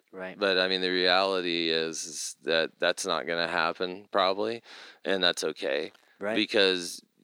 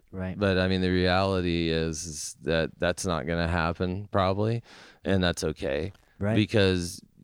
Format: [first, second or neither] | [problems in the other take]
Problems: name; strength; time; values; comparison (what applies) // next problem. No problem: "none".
second | thin; somewhat; fading below 300 Hz